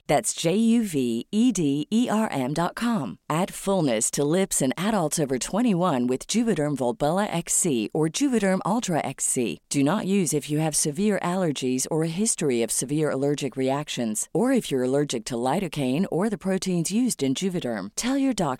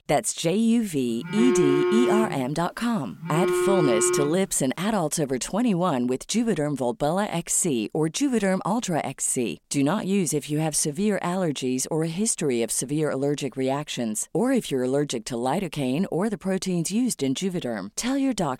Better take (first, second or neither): first